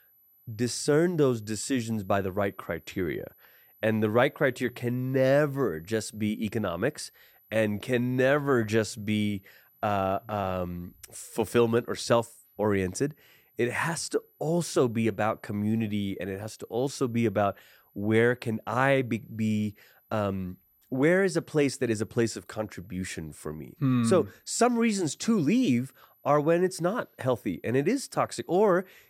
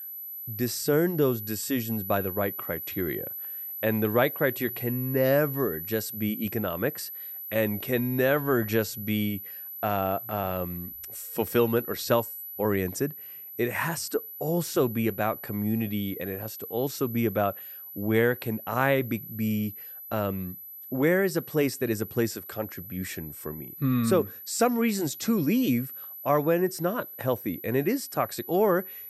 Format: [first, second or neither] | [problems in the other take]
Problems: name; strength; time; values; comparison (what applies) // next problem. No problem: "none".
first | high-pitched whine; loud; throughout; 12 kHz, 9 dB below the speech; faint in the first